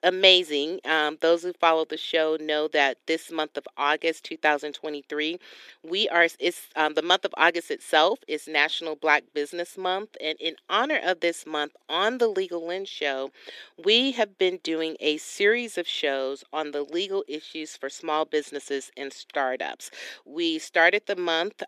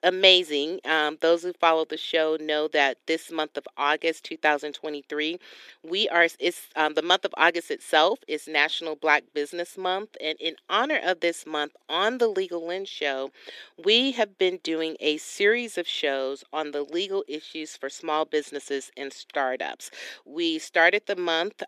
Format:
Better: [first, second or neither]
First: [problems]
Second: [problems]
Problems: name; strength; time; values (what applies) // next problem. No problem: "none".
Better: neither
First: thin; somewhat; fading below 350 Hz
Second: thin; somewhat; fading below 350 Hz